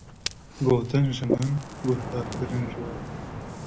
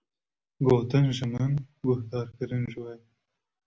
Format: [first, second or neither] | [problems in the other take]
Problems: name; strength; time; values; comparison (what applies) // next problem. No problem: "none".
second | background sound (Ocean); 6 dB below the speech